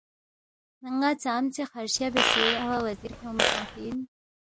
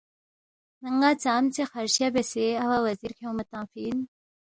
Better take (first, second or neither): second